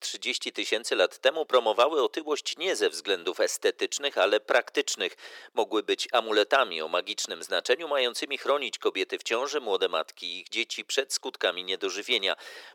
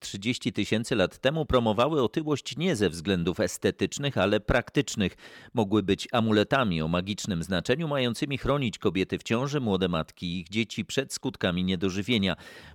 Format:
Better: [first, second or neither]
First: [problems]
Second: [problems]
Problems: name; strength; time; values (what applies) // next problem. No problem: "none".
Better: second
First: thin; very; fading below 400 Hz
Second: none